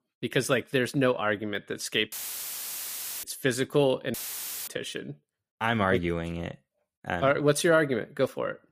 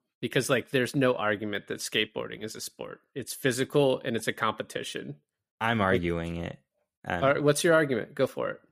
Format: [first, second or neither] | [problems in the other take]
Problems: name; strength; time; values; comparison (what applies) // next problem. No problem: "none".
second | audio cutting out; filled with static; at 2 s for 1 s and at 4 s for 0.5 s